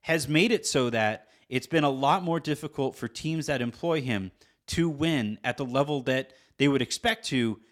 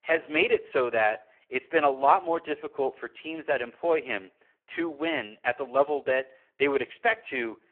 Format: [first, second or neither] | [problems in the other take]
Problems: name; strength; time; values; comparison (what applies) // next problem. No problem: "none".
first | phone-call audio; poor line